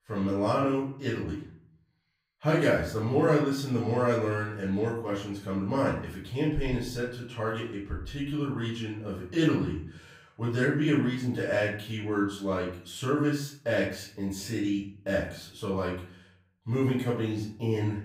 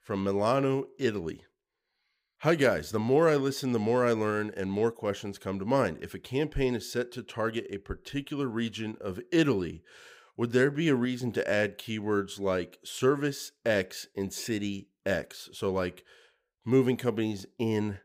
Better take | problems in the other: second | off-mic speech; far // room echo; noticeable; dies away in 0.5 s

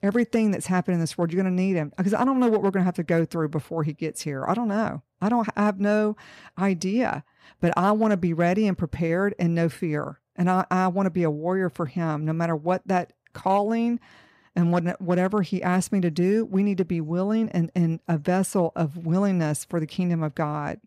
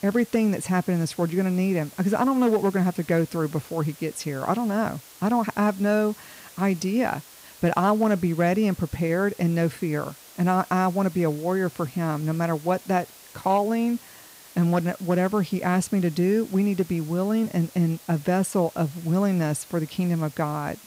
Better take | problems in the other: first | hiss; faint; throughout; 20 dB below the speech

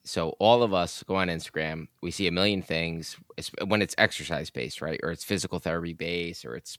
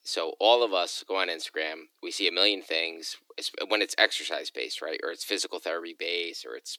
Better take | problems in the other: first | thin; very; fading below 300 Hz

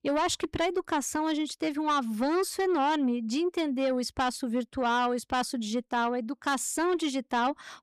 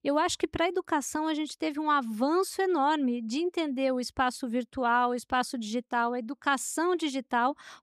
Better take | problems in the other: second | distortion; slight; 10 dB below the speech

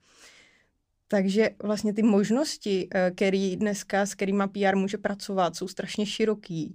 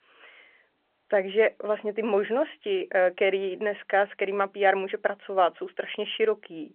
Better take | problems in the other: first | phone-call audio

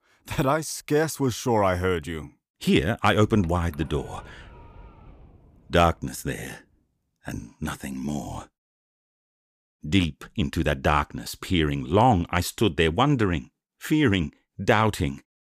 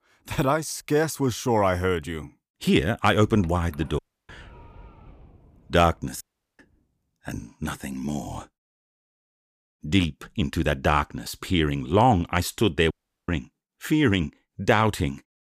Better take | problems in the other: first | audio cutting out; at 4 s, at 6 s and at 13 s

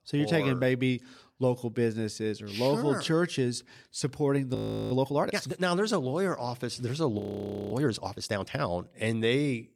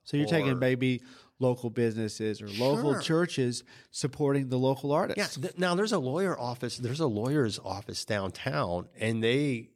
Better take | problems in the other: second | audio freezing; at 4.5 s and at 7 s for 0.5 s

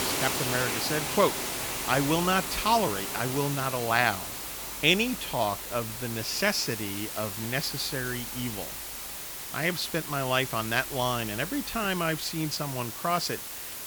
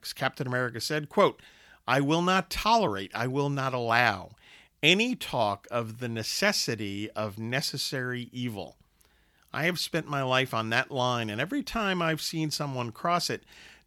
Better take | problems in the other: second | hiss; loud; throughout; 4 dB below the speech

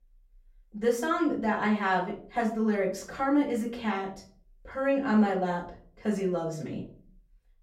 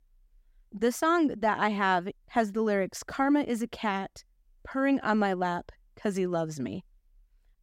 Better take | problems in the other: second | off-mic speech; far // room echo; slight; dies away in 0.4 s

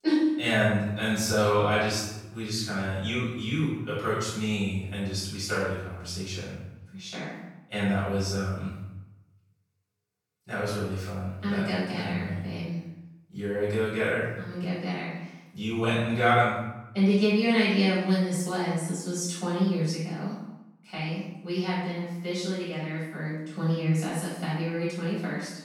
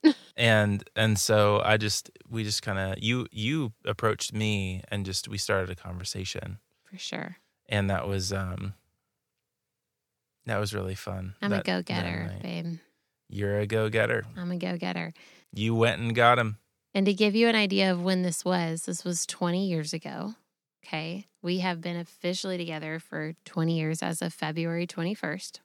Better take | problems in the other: second | off-mic speech; far // room echo; strong; dies away in 0.8 s

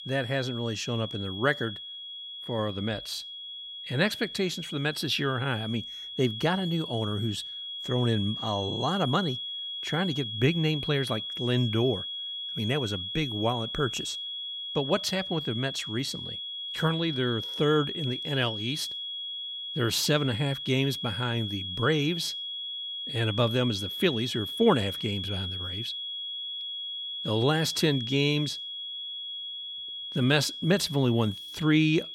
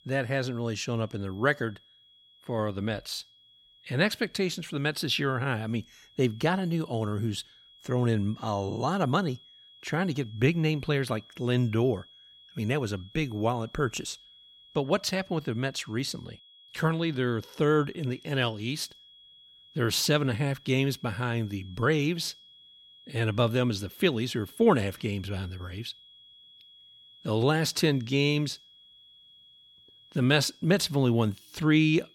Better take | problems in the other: second | high-pitched whine; loud; throughout; 3.5 kHz, 5 dB below the speech; faint in the second

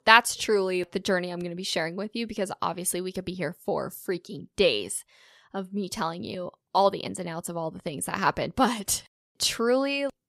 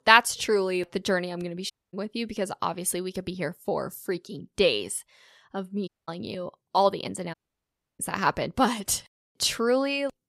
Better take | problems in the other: first | audio cutting out; at 1.5 s, at 6 s and at 7.5 s for 0.5 s

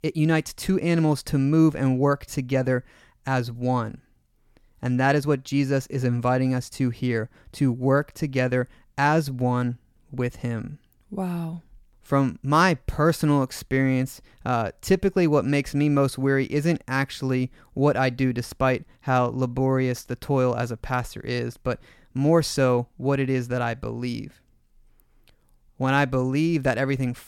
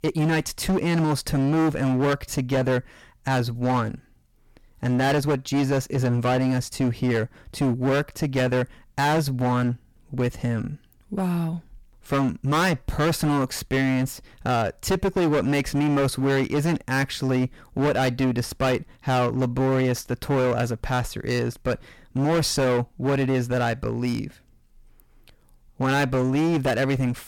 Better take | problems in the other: first | distortion; heavy; 18% of the sound clipped

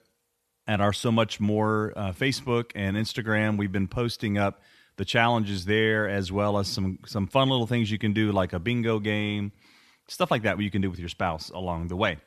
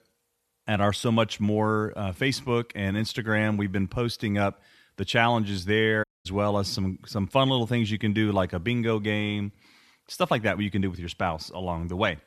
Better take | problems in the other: first | audio cutting out; at 6 s

